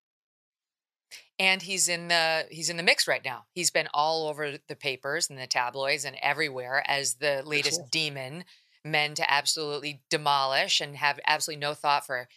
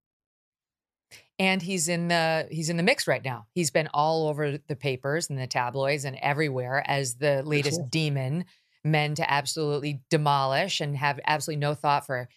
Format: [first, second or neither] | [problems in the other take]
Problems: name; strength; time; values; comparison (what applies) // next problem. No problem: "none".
second | thin; somewhat; fading below 900 Hz